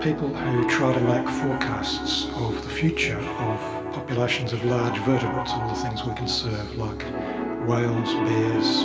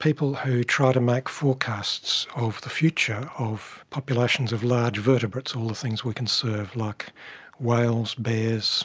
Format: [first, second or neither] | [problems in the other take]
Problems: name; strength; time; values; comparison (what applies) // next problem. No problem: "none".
second | background sound (Piano); 2 dB below the speech // room echo; dies away in 2.8 s